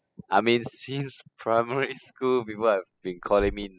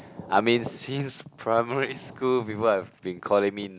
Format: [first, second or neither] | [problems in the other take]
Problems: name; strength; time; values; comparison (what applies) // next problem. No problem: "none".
second | noise reduction (classical method spectral subtraction)